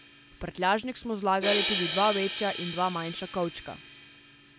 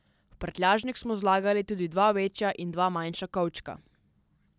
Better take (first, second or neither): second